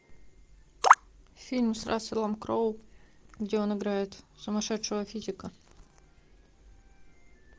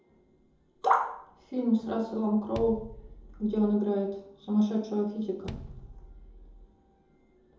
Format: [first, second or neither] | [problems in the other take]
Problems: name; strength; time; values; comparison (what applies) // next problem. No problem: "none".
first | background sound (Bass drum); 15 dB below the speech // room echo; dies away in 2.6 s